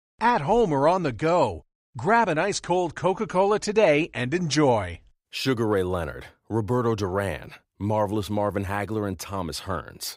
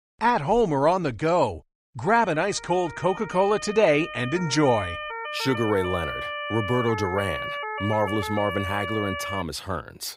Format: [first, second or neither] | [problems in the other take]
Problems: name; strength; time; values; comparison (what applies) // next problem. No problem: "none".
first | siren; noticeable; from 2 to 9.5 s; peak 5 dB below the speech